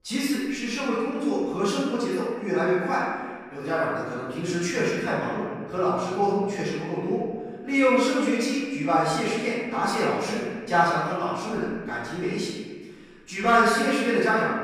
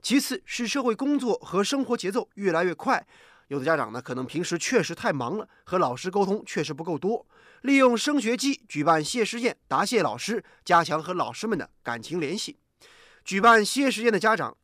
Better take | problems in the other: second | room echo; strong; dies away in 1.6 s // off-mic speech; far

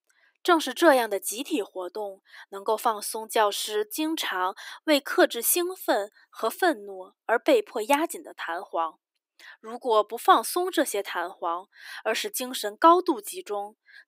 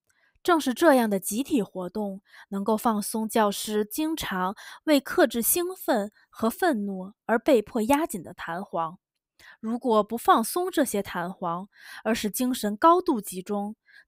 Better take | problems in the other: second | thin; somewhat; fading below 300 Hz

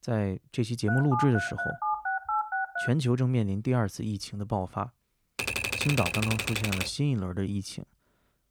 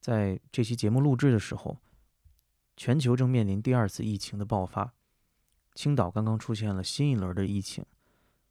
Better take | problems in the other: second | phone ringing; loud; from 1 to 3 s; peak level with the speech // keyboard typing; loud; from 5.5 to 7 s; peak 1 dB above the speech

